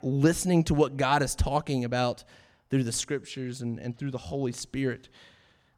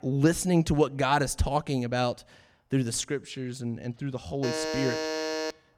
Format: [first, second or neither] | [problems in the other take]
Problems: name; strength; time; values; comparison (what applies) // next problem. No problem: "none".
first | alarm; noticeable; from 4.5 s on; peak 2 dB below the speech